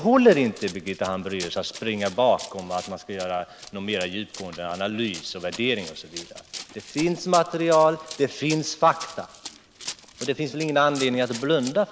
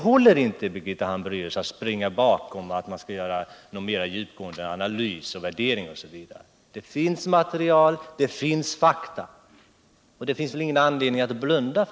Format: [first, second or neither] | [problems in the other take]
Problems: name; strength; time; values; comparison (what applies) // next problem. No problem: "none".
second | background sound (Run); 17 dB below the speech